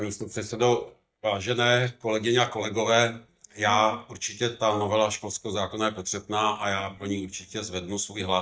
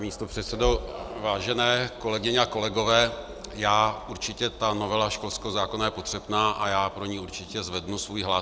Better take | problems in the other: second | noise reduction (neural mask model DeepFilterNet 3)

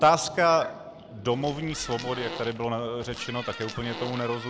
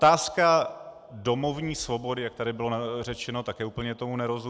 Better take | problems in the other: second | background sound (Thunderstorm + Fart); 13 dB below the speech

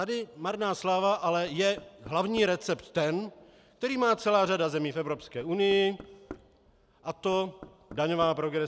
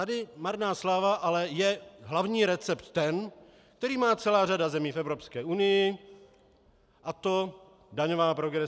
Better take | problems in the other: second | background sound (Knock); 20 dB below the speech

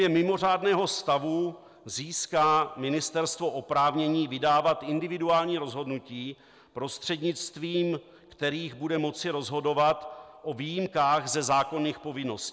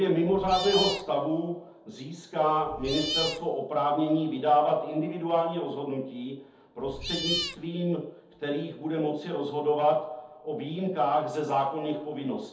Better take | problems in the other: first | background sound (Cat); 4 dB below the speech // room echo; dies away in 0.6 s

